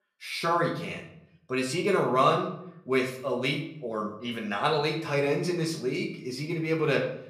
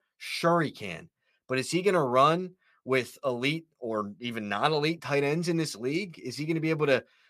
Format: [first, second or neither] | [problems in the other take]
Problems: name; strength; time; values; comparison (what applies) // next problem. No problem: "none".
second | room echo; slight; dies away in 0.5 s // off-mic speech; somewhat distant